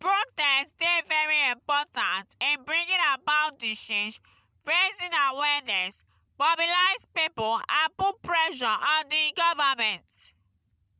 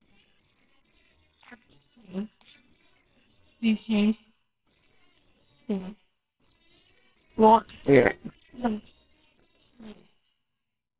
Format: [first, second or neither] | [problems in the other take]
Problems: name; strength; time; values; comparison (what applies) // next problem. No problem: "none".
first | noise reduction (neural separator model SepFormer WHAMR!)